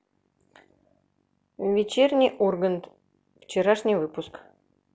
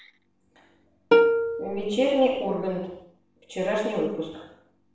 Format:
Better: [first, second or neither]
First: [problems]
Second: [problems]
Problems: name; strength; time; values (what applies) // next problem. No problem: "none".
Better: first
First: none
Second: background sound (Plucked string instrument); 4 dB above the speech // room echo; dies away in 0.7 s